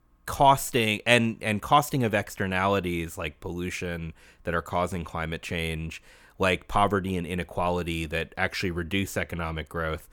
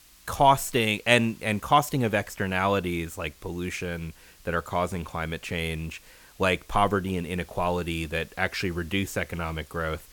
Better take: first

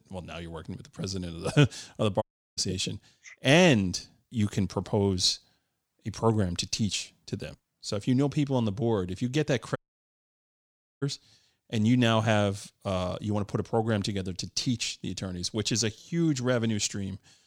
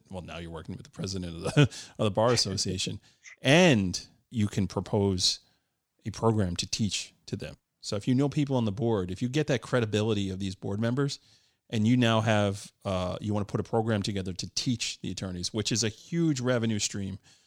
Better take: second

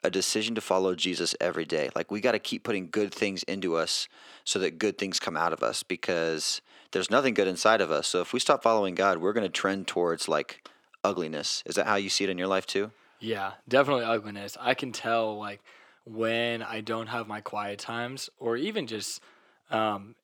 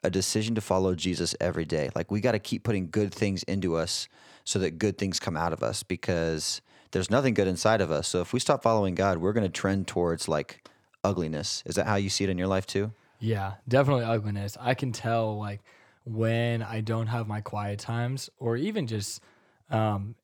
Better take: second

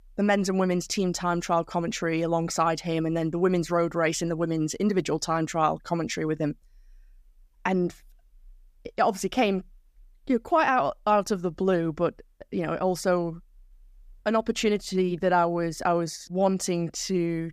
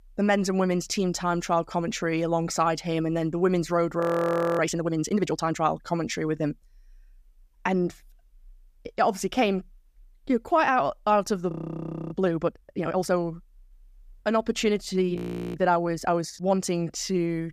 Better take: first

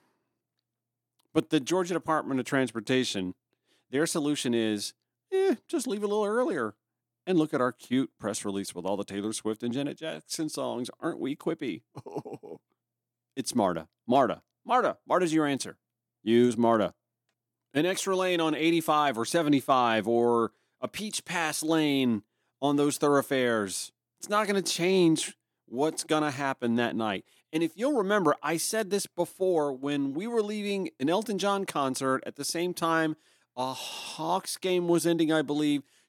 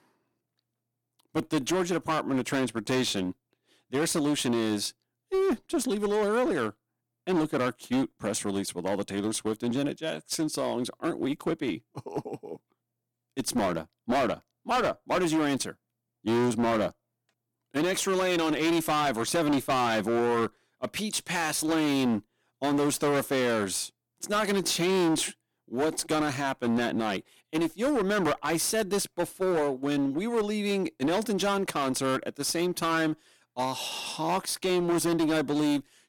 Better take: first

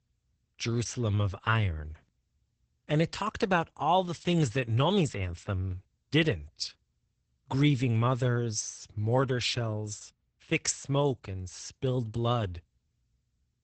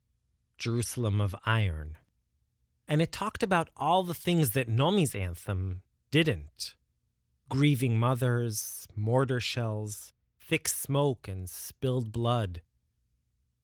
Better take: second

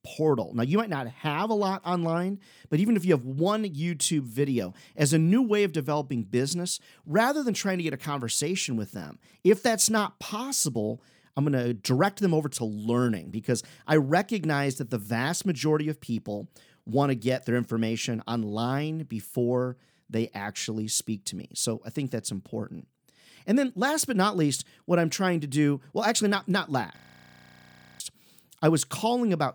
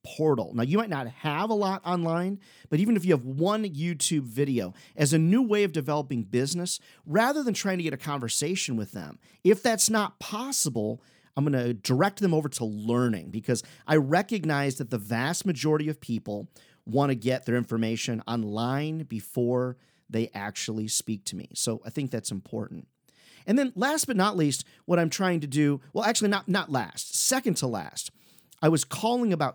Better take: second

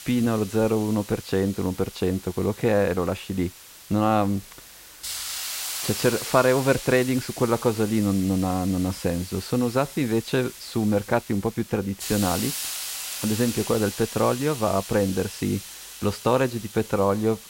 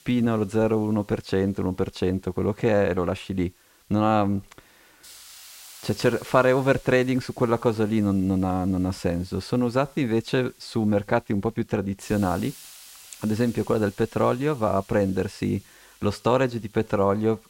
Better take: second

